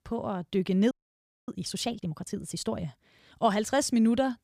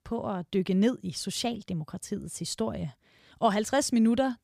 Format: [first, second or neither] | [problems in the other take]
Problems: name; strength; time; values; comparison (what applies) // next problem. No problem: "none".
second | audio freezing; at 1 s for 0.5 s